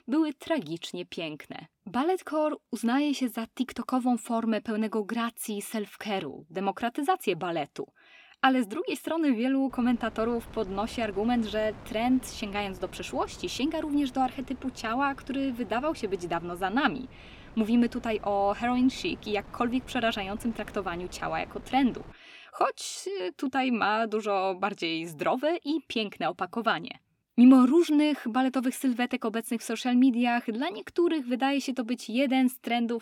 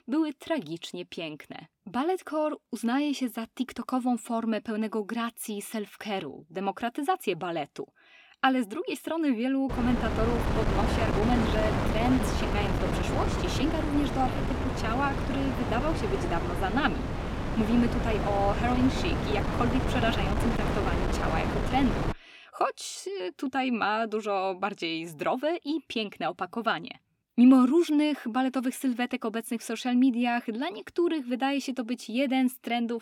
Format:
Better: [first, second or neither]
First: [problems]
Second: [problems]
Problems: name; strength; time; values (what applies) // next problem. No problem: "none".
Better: first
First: wind noise on the microphone; occasional gusts; from 9.5 to 22 s; 20 dB below the speech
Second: wind noise on the microphone; heavy; from 9.5 to 22 s; 2 dB below the speech